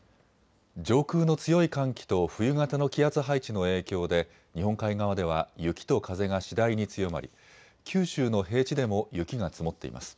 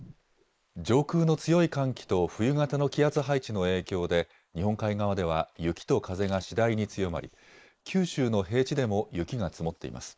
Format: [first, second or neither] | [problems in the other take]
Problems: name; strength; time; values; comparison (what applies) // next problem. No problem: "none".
first | noise reduction (neural mask model Resemble Enhance denoiser)